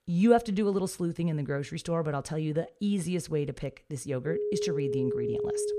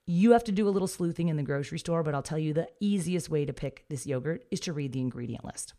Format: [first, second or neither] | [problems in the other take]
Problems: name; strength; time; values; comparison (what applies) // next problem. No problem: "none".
second | phone ringing; noticeable; from 4.5 s on; peak 1 dB below the speech